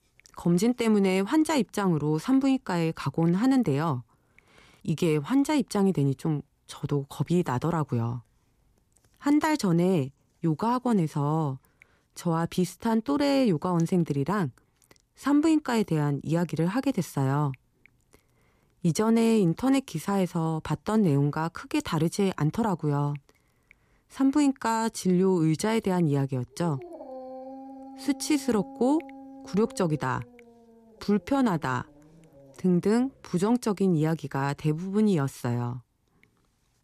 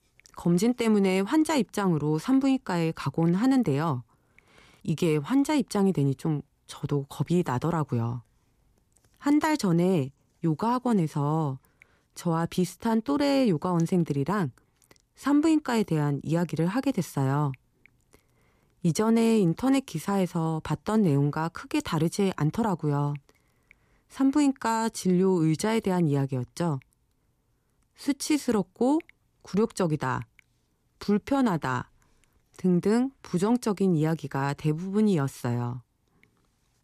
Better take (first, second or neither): second